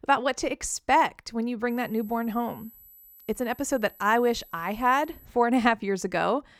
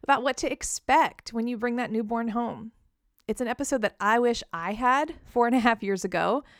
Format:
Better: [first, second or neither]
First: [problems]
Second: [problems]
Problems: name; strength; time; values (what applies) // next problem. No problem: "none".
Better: second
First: high-pitched whine; faint; from 1.5 to 5.5 s; 12 kHz, 25 dB below the speech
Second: none